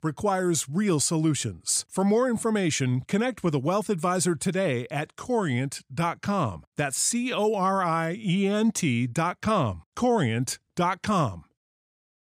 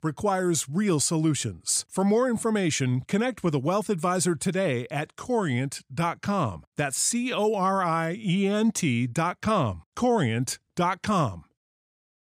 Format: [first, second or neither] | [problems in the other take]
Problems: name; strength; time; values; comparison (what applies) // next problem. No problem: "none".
neither | none